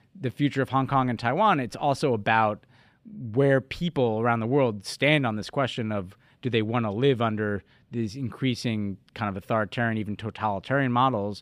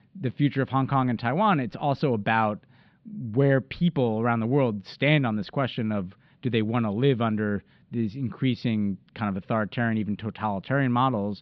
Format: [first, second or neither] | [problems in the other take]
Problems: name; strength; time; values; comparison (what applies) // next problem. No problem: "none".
first | muffled; very slightly; fading above 4 kHz